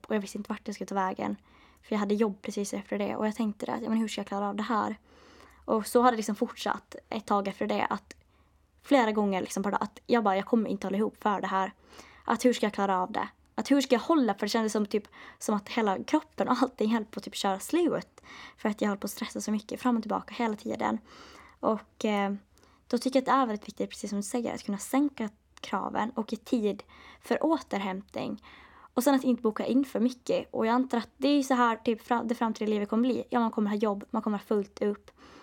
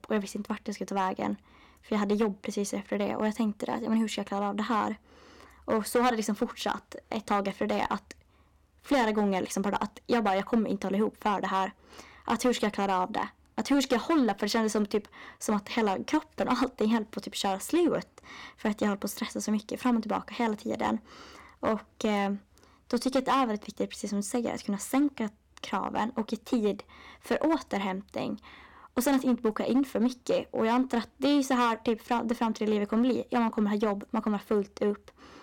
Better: first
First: none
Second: distortion; slight; 4% of the sound clipped

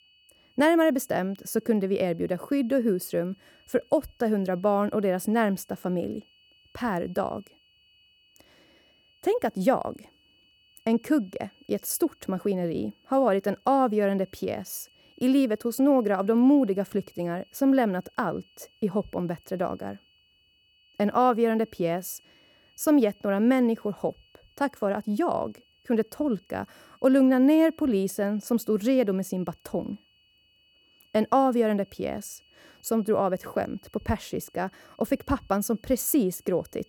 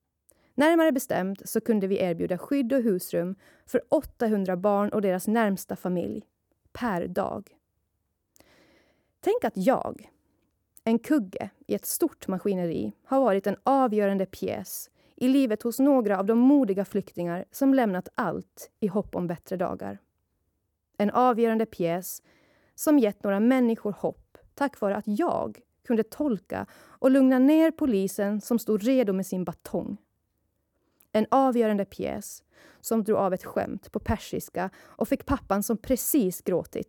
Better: second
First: high-pitched whine; faint; throughout; 3 kHz, 35 dB below the speech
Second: none

